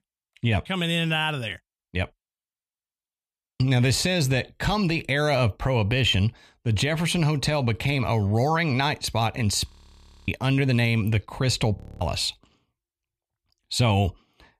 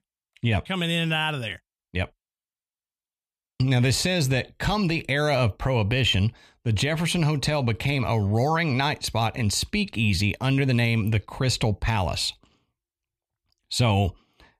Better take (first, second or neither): second